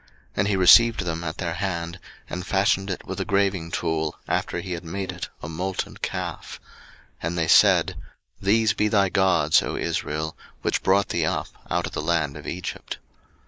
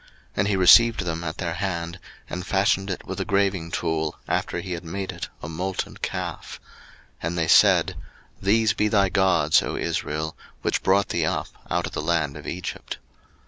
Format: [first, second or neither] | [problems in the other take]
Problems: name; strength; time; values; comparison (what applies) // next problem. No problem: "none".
second | noise reduction (neural mask model Resemble Enhance denoiser)